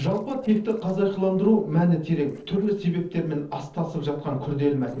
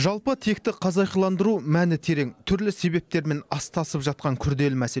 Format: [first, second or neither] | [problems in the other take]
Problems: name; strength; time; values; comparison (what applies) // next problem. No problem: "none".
second | noise reduction (neural separator model SepFormer DNS4)